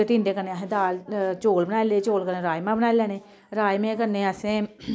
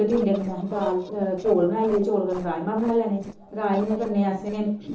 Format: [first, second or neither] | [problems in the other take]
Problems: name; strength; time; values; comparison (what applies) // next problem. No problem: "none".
first | noise reduction (neural separator model SepFormer DNS4)